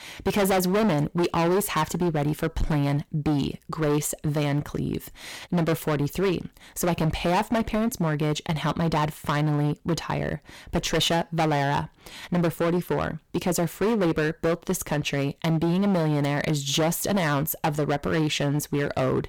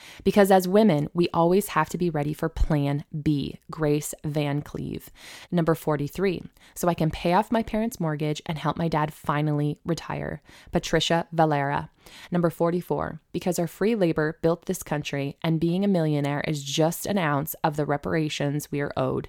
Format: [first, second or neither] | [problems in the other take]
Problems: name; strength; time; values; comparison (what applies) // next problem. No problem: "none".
second | distortion; heavy; 16% of the sound clipped